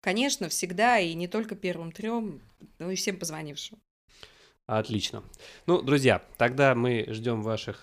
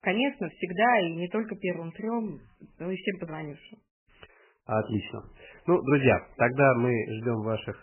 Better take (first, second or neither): first